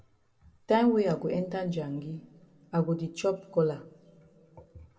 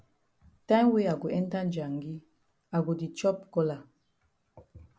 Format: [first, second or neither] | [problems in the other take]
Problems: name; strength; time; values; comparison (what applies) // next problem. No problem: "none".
second | room echo; dies away in 1.1 s